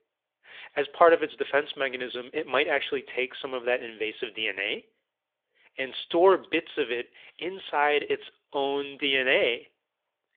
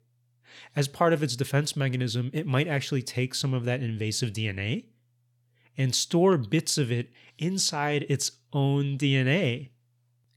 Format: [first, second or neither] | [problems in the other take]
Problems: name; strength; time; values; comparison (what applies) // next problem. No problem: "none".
second | phone-call audio; nothing above 3.5 kHz